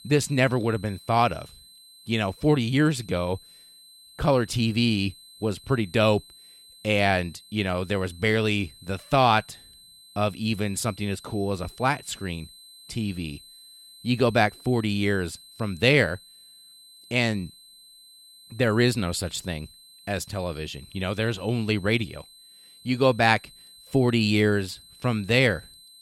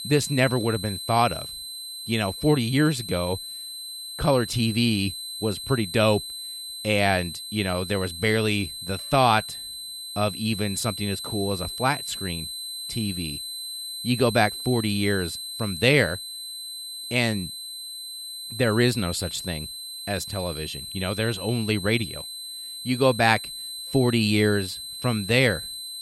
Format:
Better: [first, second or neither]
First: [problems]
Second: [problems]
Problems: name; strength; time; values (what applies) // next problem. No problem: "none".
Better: first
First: high-pitched whine; faint; throughout; 4 kHz, 25 dB below the speech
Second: high-pitched whine; loud; throughout; 4 kHz, 8 dB below the speech